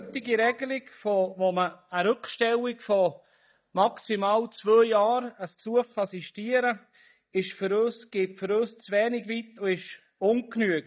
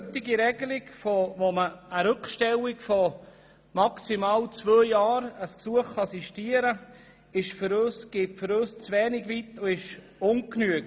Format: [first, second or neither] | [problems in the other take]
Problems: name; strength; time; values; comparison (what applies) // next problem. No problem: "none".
second | noise reduction (neural mask model DeepFilterNet 3)